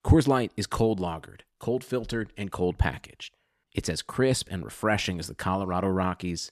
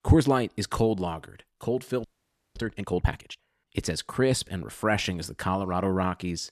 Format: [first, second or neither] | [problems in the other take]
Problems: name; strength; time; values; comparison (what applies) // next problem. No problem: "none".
first | audio freezing; at 2 s for 0.5 s